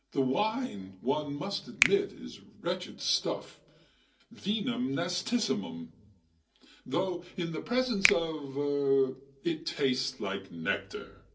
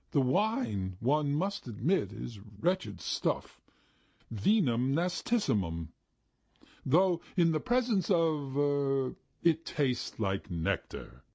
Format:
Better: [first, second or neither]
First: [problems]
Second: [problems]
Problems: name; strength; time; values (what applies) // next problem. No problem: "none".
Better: second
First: background sound (Finger snapping); 4 dB below the speech // room echo; dies away in 0.3 s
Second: none